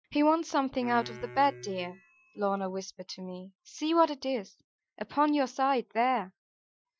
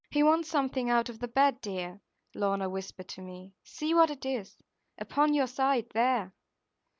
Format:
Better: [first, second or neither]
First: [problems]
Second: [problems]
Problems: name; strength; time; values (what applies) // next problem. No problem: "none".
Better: second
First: noise reduction (classical method Wiener filter)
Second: none